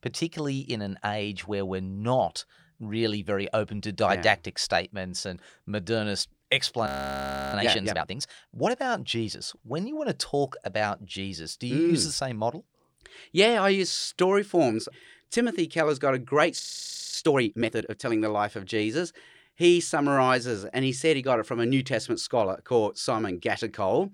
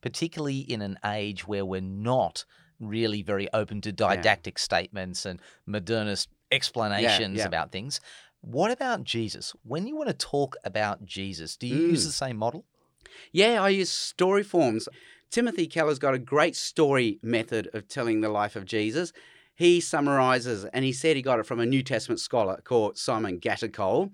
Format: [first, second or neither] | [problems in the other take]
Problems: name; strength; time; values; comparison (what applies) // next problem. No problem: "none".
second | audio freezing; at 7 s for 0.5 s and at 17 s for 0.5 s